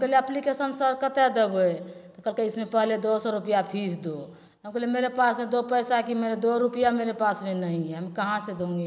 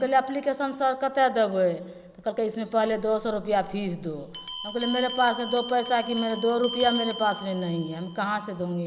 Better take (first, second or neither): first